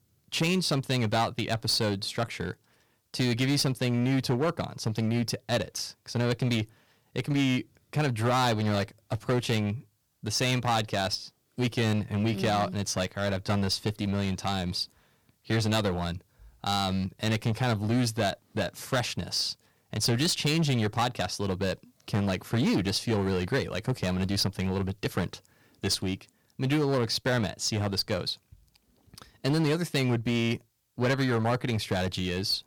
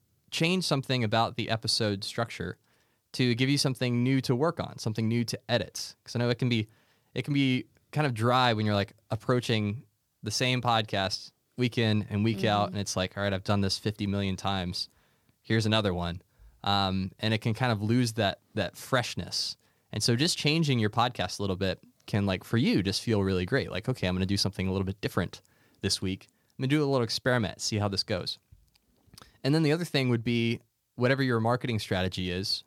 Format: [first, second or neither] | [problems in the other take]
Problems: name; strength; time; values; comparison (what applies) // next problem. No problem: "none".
second | distortion; slight; 9% of the sound clipped